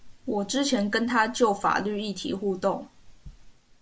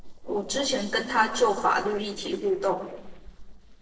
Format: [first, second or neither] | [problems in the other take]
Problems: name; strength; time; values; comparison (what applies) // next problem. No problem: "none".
first | noise reduction (neural separator model SepFormer DNS4)